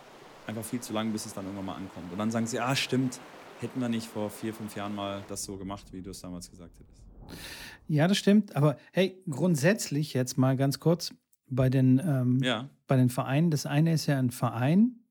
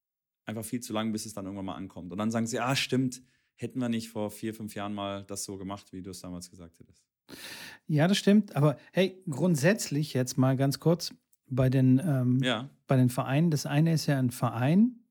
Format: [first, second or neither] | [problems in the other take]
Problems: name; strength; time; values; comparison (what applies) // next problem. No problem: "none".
second | rain or running water; faint; until 8 s; 20 dB below the speech